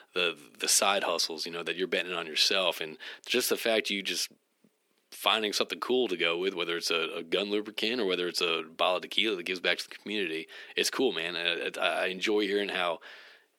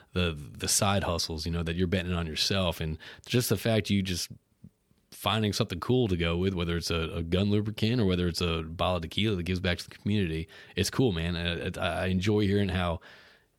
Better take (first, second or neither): second